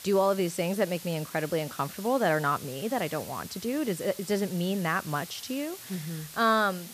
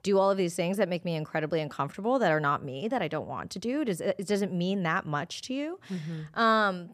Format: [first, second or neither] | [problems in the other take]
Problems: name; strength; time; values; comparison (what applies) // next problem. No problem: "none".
second | hiss; noticeable; throughout; 15 dB below the speech